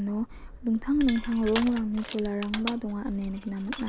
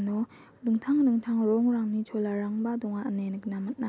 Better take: second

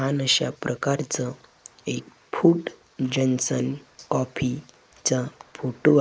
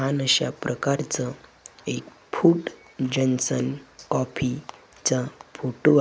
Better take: second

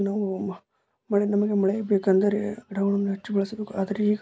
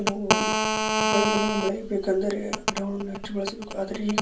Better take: first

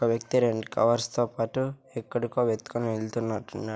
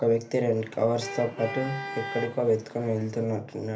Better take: first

